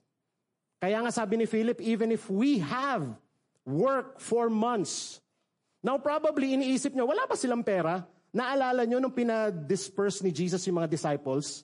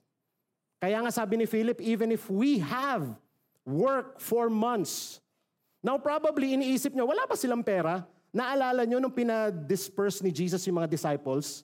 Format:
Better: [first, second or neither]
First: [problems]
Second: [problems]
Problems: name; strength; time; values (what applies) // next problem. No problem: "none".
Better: second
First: garbled, watery; slightly; nothing above 10.5 kHz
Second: none